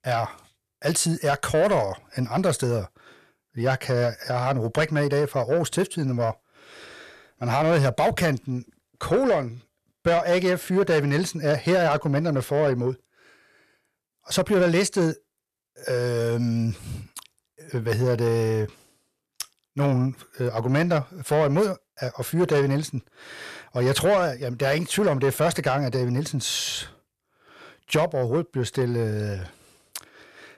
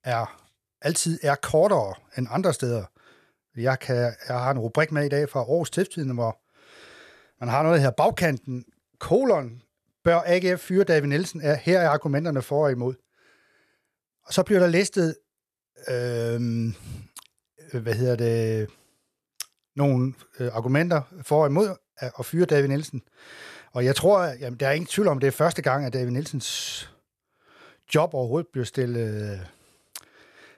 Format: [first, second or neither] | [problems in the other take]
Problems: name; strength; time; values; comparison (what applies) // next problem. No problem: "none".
second | distortion; slight; 10 dB below the speech